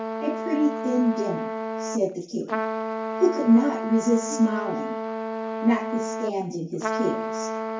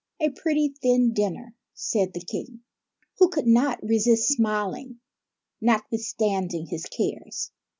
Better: second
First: background sound (Trumpet); 4 dB below the speech // room echo; dies away in 0.3 s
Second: none

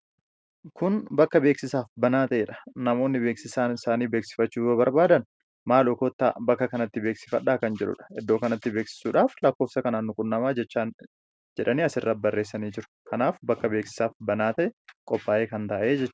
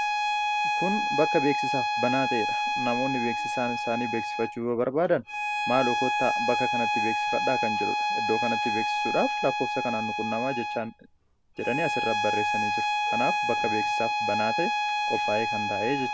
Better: first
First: none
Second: background sound (Bowed string instrument); 2 dB above the speech

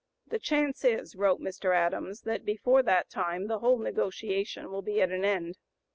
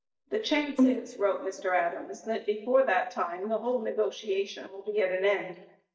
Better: first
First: none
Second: noise reduction (neural mask model DeepFilterNet 3)

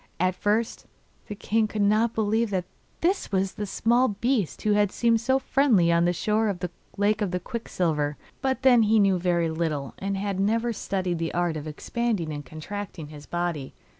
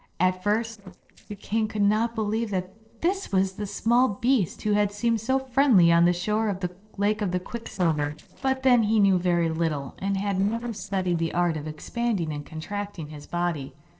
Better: first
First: none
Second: noise reduction (neural separator model SepFormer DNS4)

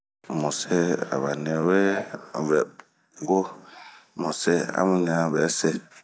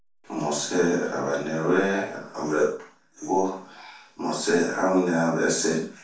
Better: first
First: none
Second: room echo; dies away in 0.3 s

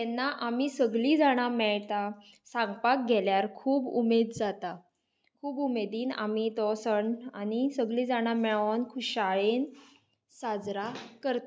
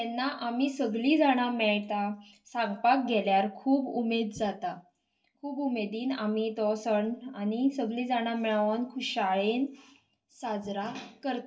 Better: first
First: none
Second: room echo; dies away in 0.2 s

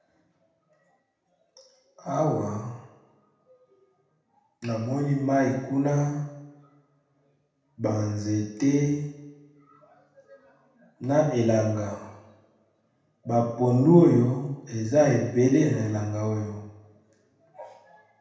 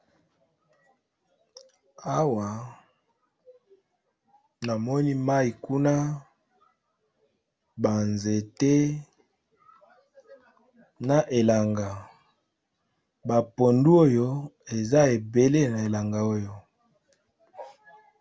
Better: second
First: room echo; dies away in 0.8 s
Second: none

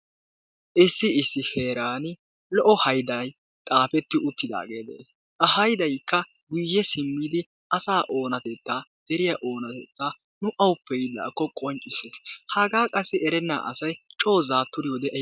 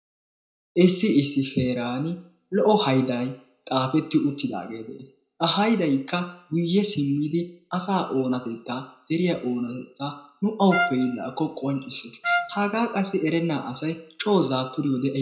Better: first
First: none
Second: background sound (Trumpet); 5 dB below the speech // room echo; dies away in 0.4 s

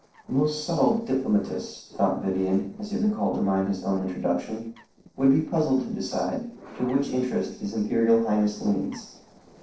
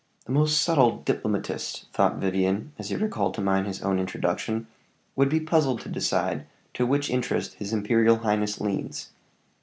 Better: second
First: noise reduction (neural separator model SepFormer DNS4)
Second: none

